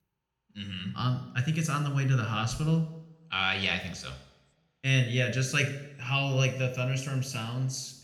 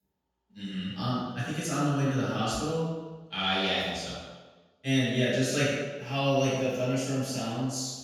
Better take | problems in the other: first | room echo; strong; dies away in 1.1 s; slight in the first // off-mic speech; far

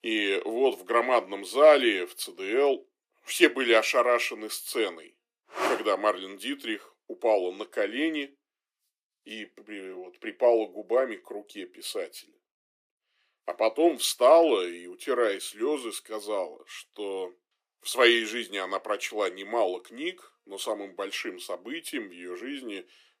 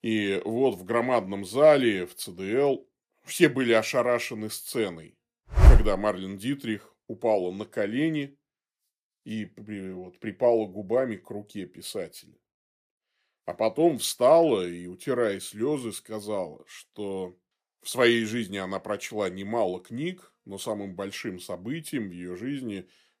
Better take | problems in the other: second | thin; somewhat; fading below 300 Hz

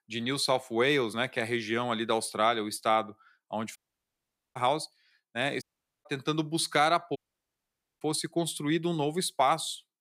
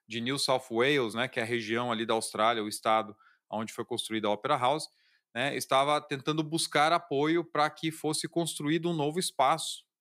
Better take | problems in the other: second | audio cutting out; at 4 s for 1 s, at 5.5 s and at 7 s for 1 s

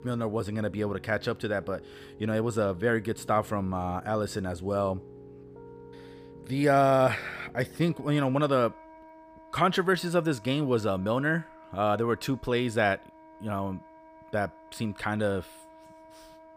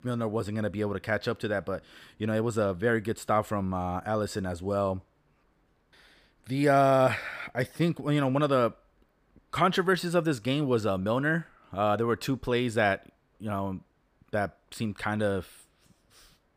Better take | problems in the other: second | background music; faint; throughout; 20 dB below the speech

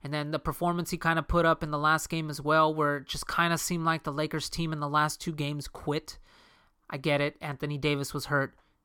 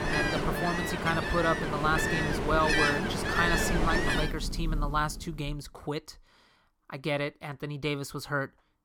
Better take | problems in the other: first | rain or running water; very loud; until 5 s; 2 dB above the speech

